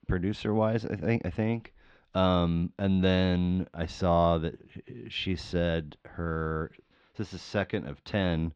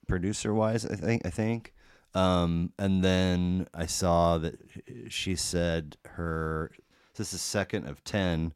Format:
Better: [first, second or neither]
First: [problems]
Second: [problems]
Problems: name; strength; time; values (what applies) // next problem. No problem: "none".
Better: second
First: muffled; slightly; fading above 4 kHz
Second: none